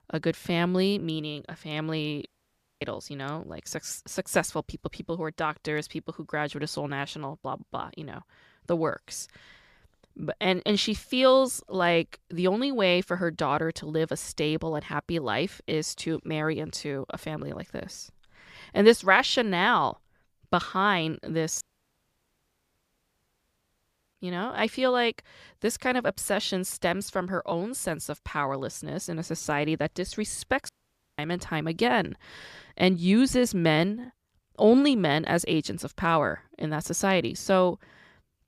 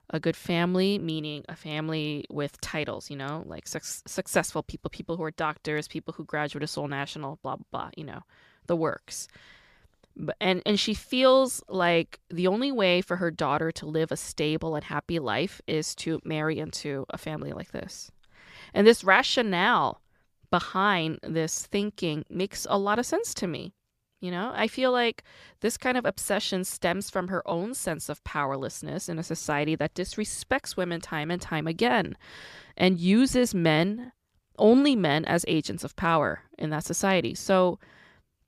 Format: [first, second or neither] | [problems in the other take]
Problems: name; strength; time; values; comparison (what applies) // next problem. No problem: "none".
second | audio cutting out; at 2.5 s for 0.5 s, at 22 s for 2.5 s and at 31 s